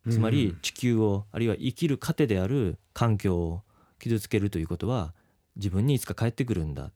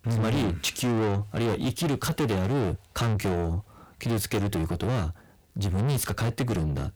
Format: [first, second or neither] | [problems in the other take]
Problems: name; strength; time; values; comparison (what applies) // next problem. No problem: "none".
first | distortion; heavy; 5 dB below the speech